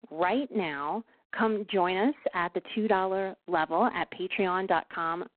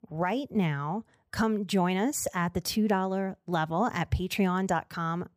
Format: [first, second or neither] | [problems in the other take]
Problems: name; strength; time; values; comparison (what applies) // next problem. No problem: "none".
second | phone-call audio; poor line